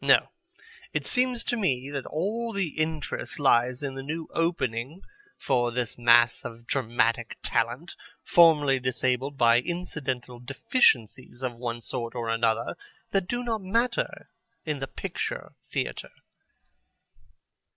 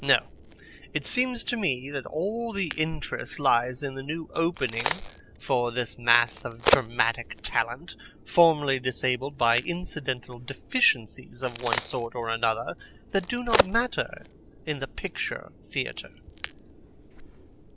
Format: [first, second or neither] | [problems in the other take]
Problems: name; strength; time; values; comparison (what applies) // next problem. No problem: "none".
first | background sound (Crack); 7 dB below the speech